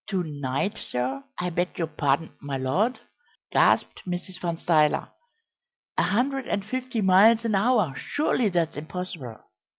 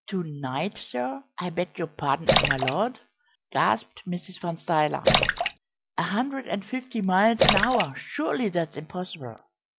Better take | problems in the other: first | background sound (Splash, splatter); as loud as the speech

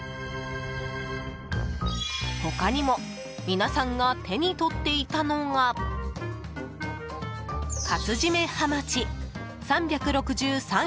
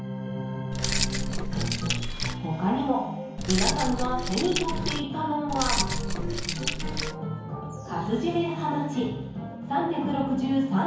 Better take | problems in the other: first | background sound (Keys jangling); 2 dB below the speech // room echo; dies away in 1 s

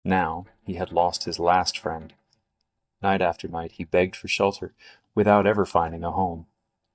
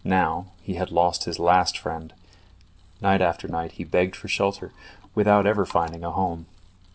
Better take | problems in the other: second | noise reduction (neural mask model DeepFilterNet 3)

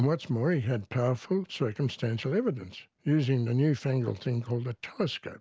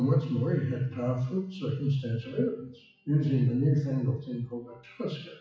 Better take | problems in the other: first | noise reduction (classical method WPE with log-MMSE)

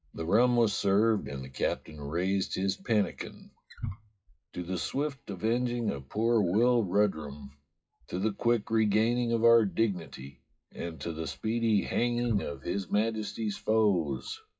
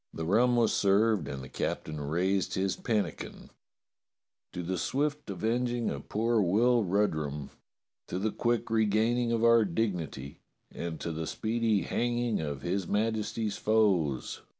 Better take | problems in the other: second | noise reduction (classical method WPE with log-MMSE)

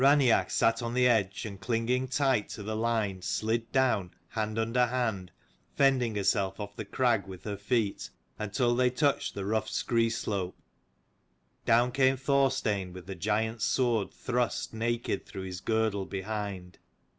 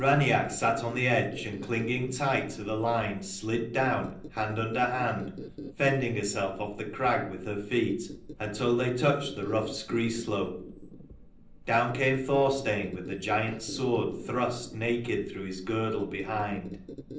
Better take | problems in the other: first | background sound (Squeak); 14 dB below the speech // room echo; dies away in 0.6 s

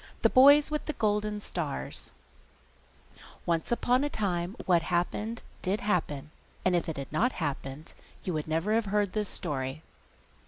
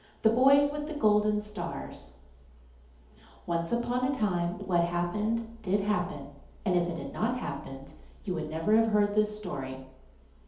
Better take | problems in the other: first | room echo; dies away in 2.2 s

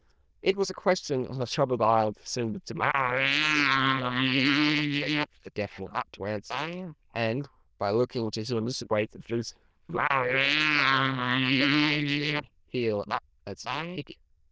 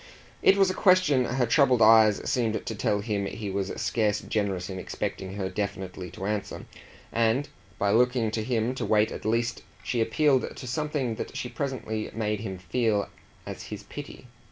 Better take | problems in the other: second | noise reduction (neural diffusion model UNIVERSE++)

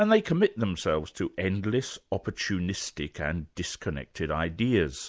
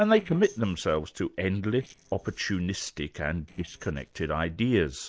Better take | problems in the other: first | noise reduction (neural separator model SepFormer DNS4)

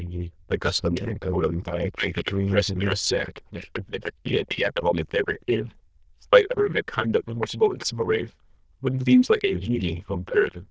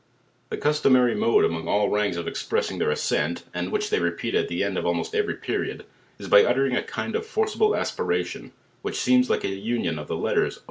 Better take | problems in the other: second | noise reduction (neural diffusion model UNIVERSE++)

